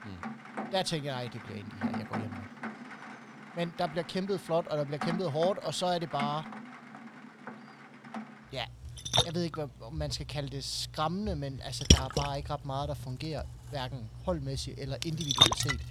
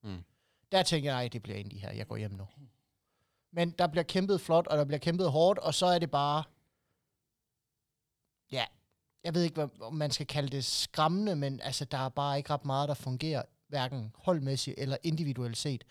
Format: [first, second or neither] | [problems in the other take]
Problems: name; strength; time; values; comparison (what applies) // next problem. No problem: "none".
second | rain or running water; very loud; throughout; 4 dB above the speech